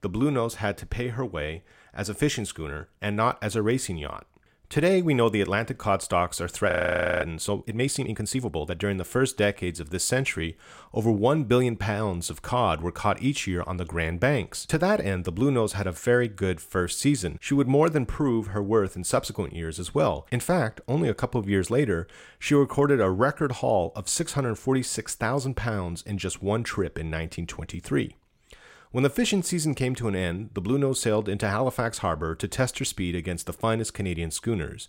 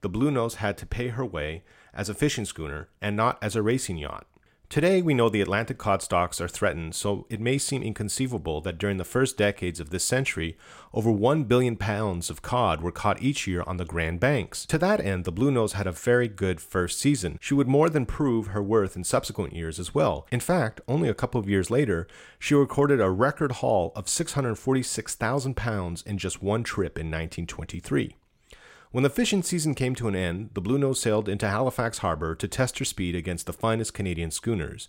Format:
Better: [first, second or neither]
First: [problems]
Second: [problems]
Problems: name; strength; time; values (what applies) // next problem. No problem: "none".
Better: second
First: audio freezing; at 6.5 s for 0.5 s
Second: none